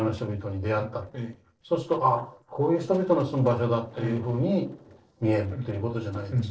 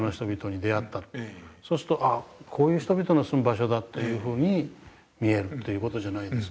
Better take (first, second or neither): second